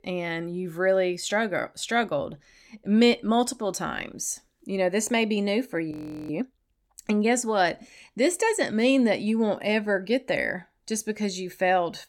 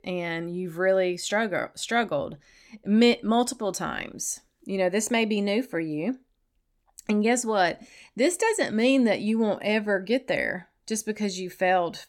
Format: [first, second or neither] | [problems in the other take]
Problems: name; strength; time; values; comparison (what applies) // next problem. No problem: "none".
second | audio freezing; at 6 s